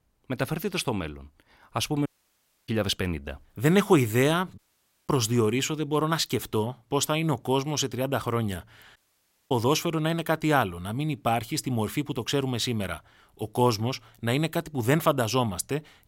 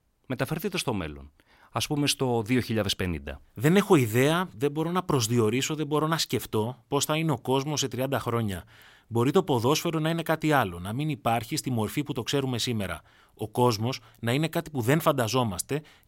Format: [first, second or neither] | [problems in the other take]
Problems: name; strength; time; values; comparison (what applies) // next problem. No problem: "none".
second | audio cutting out; at 2 s for 0.5 s, at 4.5 s for 0.5 s and at 9 s for 0.5 s